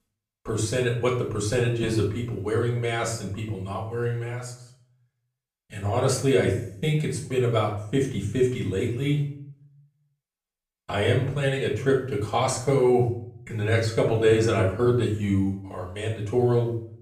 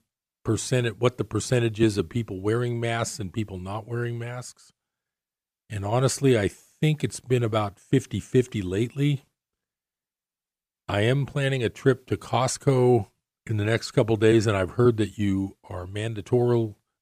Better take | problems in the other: second | off-mic speech; far // room echo; slight; dies away in 0.5 s

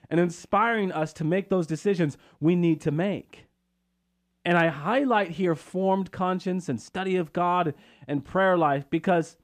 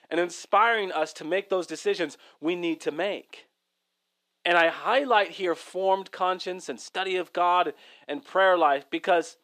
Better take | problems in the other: first | thin; very; fading below 400 Hz

